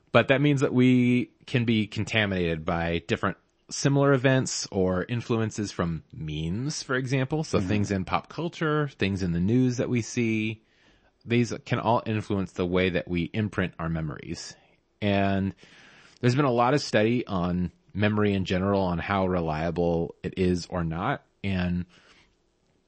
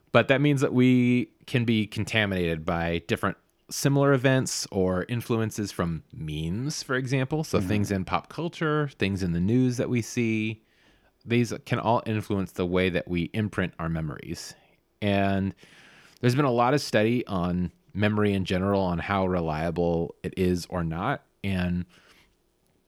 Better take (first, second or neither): second